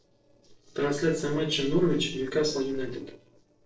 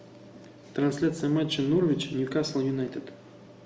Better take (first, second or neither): second